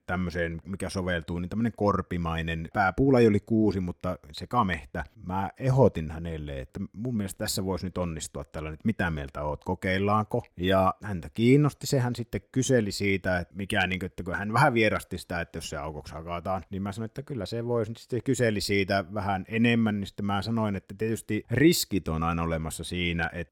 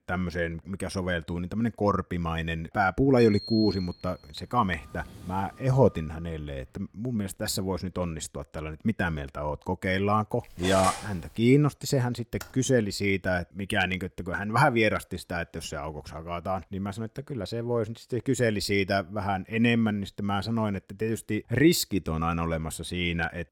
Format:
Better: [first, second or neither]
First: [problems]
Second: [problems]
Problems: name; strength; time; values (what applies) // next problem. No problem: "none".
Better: first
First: none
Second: door banging; noticeable; from 3 to 6.5 s; peak 8 dB below the speech // clattering dishes; noticeable; at 10 s; peak 4 dB below the speech // keyboard typing; faint; at 12 s; peak 15 dB below the speech